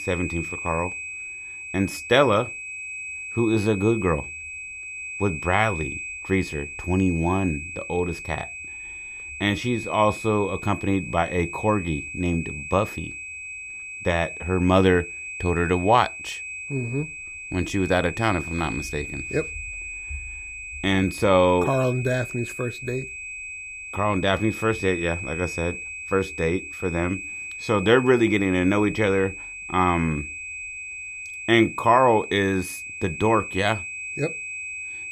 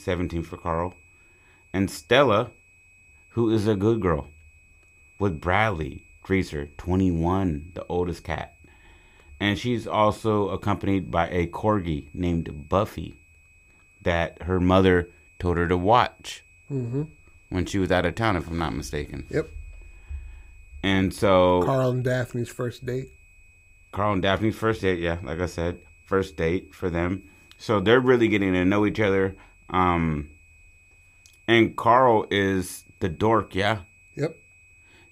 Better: second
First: high-pitched whine; loud; throughout; 2.5 kHz, 9 dB below the speech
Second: high-pitched whine; faint; throughout; 2.5 kHz, 30 dB below the speech

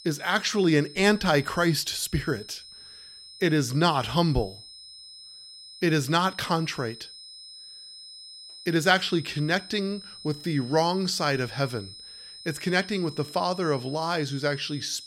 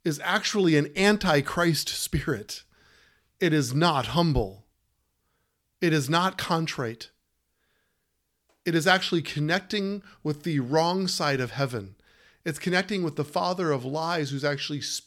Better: second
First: high-pitched whine; noticeable; throughout; 5 kHz, 15 dB below the speech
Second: none

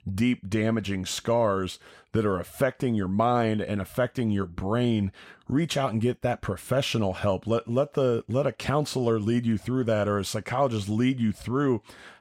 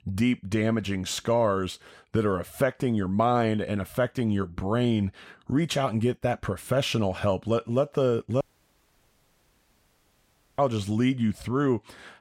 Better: first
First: none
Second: audio cutting out; at 8.5 s for 2 s

